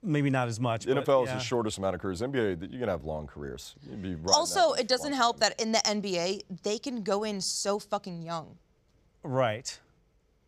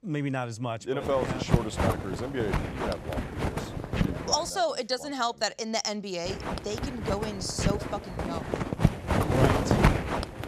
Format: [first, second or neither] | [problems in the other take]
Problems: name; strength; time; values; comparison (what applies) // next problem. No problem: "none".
first | wind noise on the microphone; heavy; from 1 to 4.5 s and from 6.5 s on; 1 dB below the speech